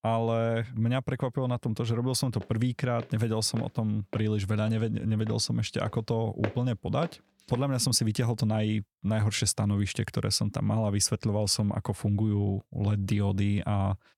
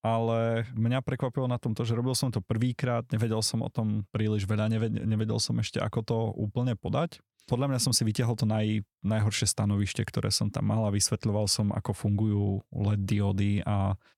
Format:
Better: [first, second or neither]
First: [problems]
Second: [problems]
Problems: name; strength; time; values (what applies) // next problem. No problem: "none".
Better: second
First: footsteps; noticeable; from 2.5 to 7.5 s; peak 9 dB below the speech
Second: none